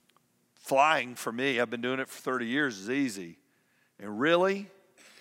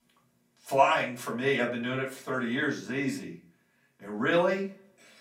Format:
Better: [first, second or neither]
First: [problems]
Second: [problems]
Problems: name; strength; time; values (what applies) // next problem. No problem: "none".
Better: first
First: none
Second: room echo; slight; dies away in 0.3 s // off-mic speech; far